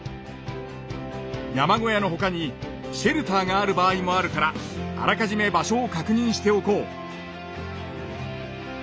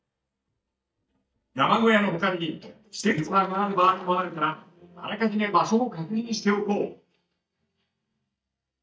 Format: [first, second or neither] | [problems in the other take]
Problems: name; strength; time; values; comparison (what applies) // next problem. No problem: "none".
first | noise reduction (neural mask model DeepFilterNet 3)